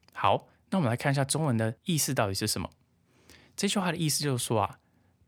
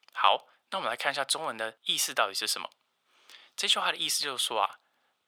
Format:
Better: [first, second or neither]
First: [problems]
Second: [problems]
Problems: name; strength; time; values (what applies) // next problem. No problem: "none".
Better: first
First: none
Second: thin; very; fading below 700 Hz